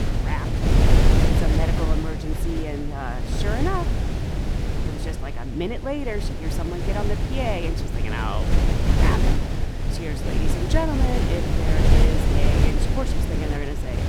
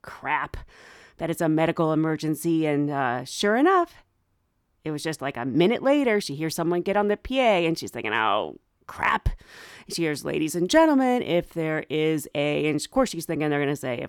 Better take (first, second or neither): second